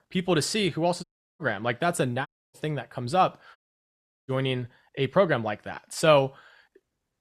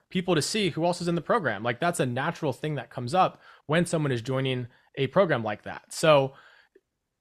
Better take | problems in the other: second | audio cutting out; at 1 s, at 2.5 s and at 3.5 s for 0.5 s

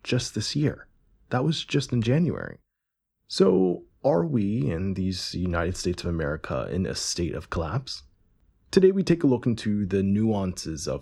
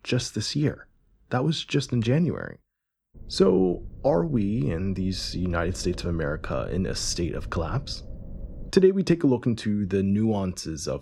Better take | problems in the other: first | low rumble; faint; from 3 to 8.5 s; 25 dB below the speech

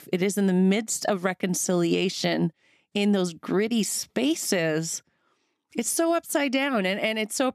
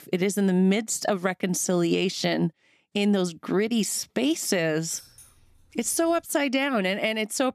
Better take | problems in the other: first | jangling keys; faint; from 5 to 6 s; peak 15 dB below the speech

